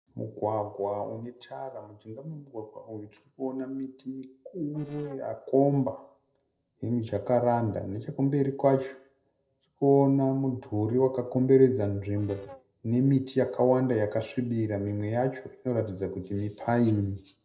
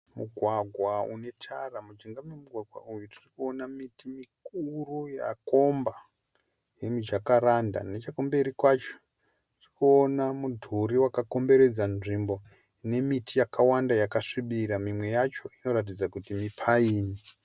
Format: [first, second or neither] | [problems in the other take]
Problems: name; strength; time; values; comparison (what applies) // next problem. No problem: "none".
second | noise reduction (neural separator model SepFormer DNS4)